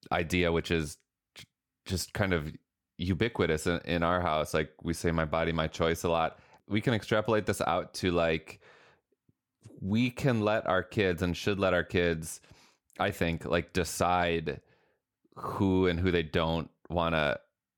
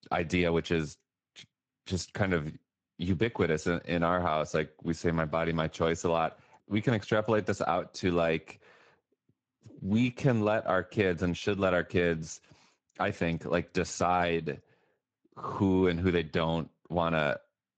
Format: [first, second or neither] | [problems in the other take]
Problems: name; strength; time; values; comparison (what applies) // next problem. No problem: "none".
first | garbled, watery; slightly; nothing above 7.5 kHz